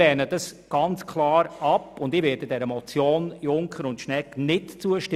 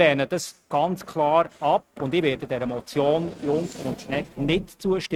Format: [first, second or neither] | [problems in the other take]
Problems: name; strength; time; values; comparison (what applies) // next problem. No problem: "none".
first | noise reduction (neural mask model RNNoise)